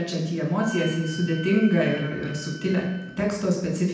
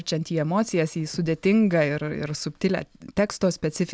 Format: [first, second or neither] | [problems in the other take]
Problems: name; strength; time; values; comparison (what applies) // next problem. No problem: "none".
second | background sound (Wind instrument, woodwind instrument); 16 dB below the speech // room echo; dies away in 0.9 s